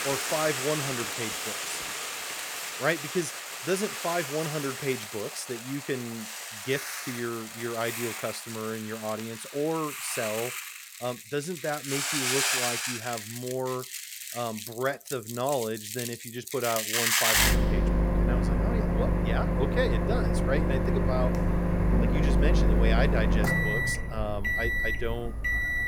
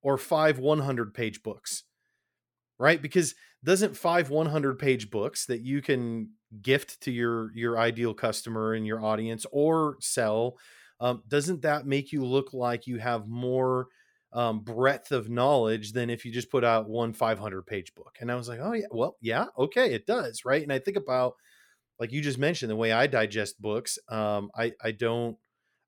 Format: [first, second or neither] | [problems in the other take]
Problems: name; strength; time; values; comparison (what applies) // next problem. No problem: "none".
second | household noises; very loud; throughout; 4 dB above the speech